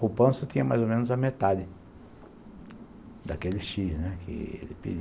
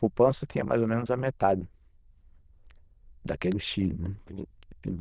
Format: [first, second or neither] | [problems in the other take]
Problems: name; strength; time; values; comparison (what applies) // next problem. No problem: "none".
first | noise reduction (neural diffusion model UNIVERSE++)